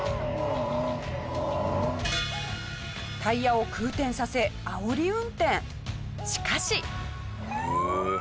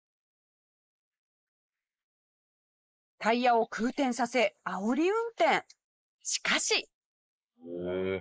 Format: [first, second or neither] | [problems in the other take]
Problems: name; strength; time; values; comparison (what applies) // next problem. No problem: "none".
first | noise reduction (neural mask model Resemble Enhance denoiser)